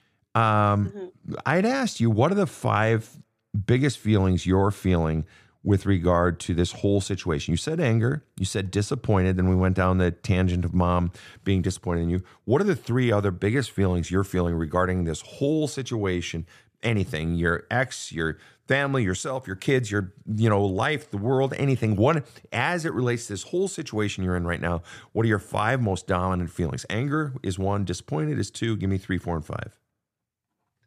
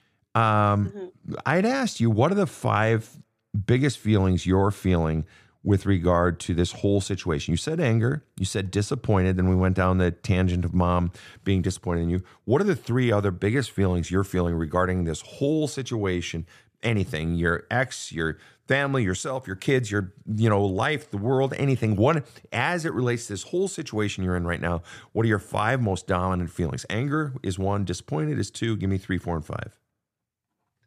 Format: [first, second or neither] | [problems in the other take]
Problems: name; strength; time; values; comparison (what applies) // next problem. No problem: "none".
neither | none